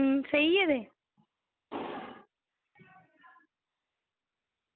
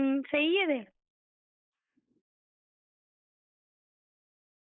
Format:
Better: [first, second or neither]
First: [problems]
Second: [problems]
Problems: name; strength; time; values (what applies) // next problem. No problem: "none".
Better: first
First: none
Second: noise reduction (neural mask model Resemble Enhance denoiser)